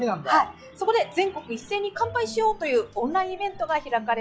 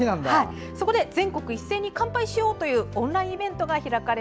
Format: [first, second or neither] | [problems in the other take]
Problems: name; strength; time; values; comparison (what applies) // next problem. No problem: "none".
second | noise reduction (classical method log-MMSE)